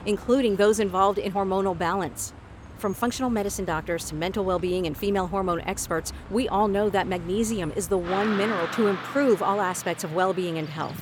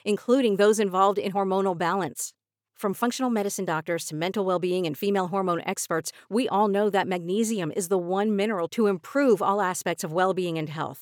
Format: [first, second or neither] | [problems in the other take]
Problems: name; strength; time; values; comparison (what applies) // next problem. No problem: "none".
second | traffic noise; noticeable; throughout; 15 dB below the speech